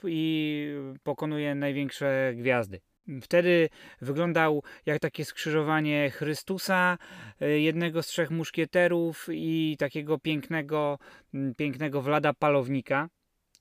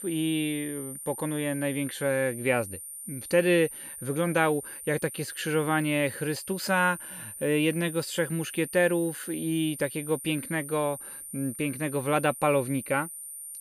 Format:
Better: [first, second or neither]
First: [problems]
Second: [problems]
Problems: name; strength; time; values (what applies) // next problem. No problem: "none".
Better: first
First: none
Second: high-pitched whine; noticeable; throughout; 9.5 kHz, 10 dB below the speech